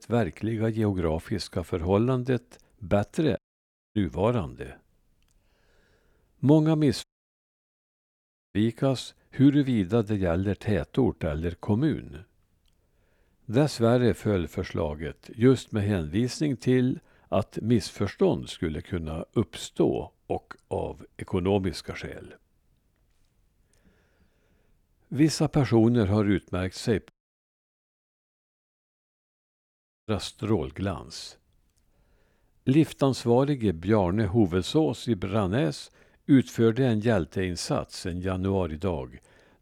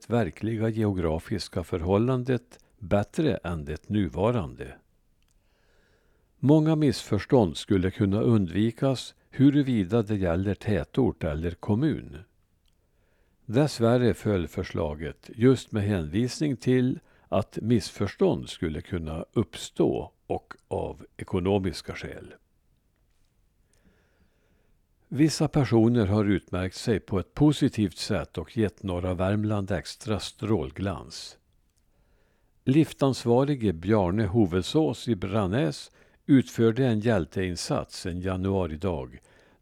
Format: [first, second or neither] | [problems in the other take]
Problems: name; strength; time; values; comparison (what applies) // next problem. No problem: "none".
second | audio cutting out; at 3.5 s for 0.5 s, at 7 s for 1.5 s and at 27 s for 3 s